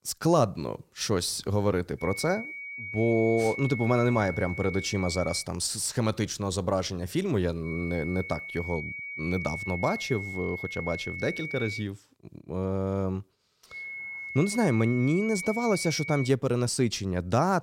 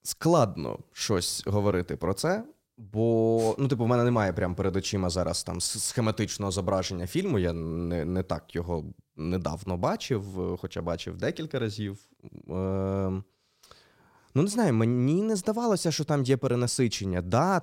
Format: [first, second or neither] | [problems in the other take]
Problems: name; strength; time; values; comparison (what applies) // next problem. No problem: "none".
second | high-pitched whine; loud; from 2 to 5.5 s, from 7.5 to 12 s and from 14 to 16 s; 2.5 kHz, 8 dB below the speech